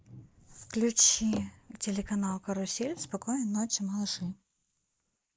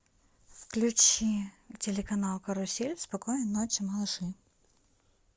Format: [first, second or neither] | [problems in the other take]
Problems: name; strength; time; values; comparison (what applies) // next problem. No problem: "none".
second | noise reduction (neural mask model Resemble Enhance denoiser)